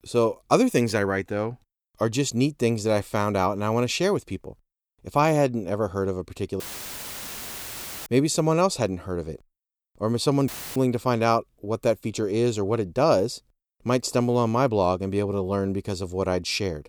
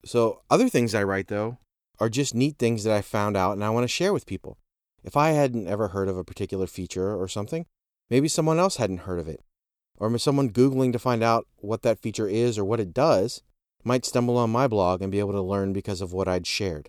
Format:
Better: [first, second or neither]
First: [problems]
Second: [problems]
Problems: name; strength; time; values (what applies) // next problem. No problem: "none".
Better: second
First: audio cutting out; filled with static; at 6.5 s for 1.5 s and at 10 s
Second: none